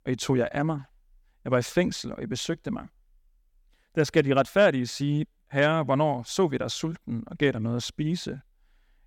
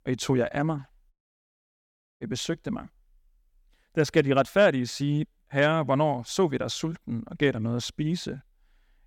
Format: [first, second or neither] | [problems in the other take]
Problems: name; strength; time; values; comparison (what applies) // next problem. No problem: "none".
first | audio cutting out; at 1 s for 1 s